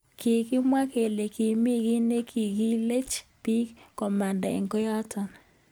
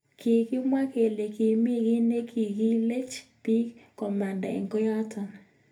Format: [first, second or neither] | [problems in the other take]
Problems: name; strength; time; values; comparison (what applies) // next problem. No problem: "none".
first | room echo; dies away in 0.3 s